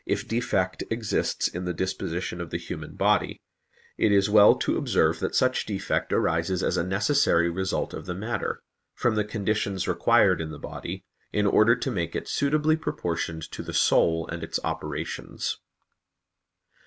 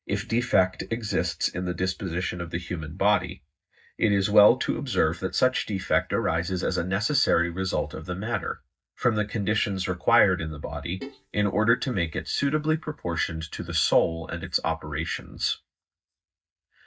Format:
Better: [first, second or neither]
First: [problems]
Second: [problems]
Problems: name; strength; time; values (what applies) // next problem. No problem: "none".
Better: first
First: none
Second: noise reduction (neural mask model DeepFilterNet 3)